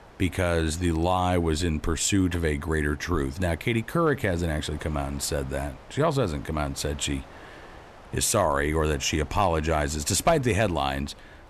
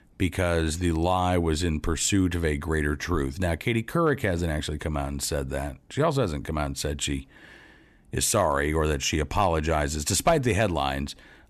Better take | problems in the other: second | wind noise on the microphone; occasional gusts; 20 dB below the speech

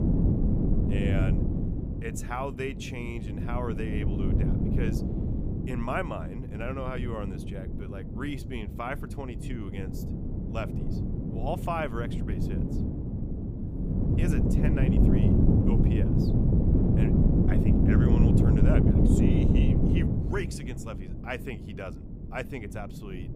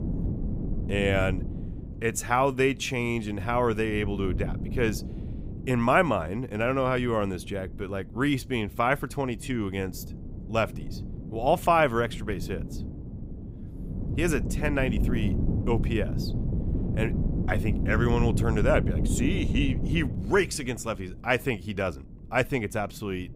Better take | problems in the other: second | wind noise on the microphone; heavy; 2 dB above the speech; occasional gusts in the second

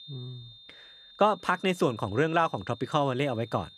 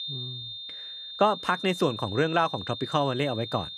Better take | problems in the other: first | high-pitched whine; loud; throughout; 3.5 kHz, 10 dB below the speech; faint in the first

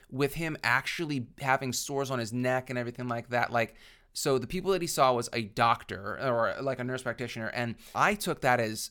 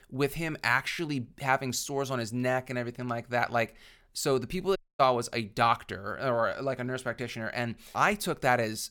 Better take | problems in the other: first | audio cutting out; at 5 s

